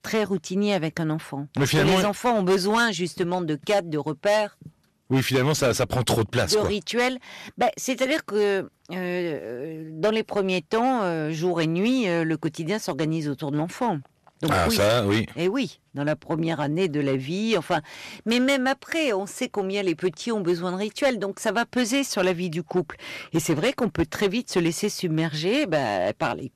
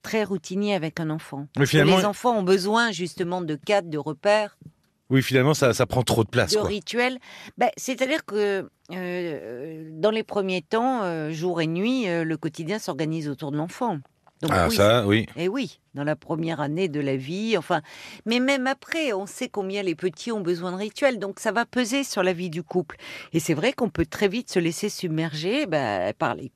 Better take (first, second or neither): second